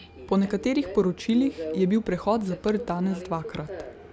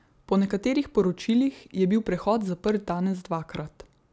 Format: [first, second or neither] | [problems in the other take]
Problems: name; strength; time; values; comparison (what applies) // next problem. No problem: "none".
second | background sound (Subway, metro, underground); 13 dB below the speech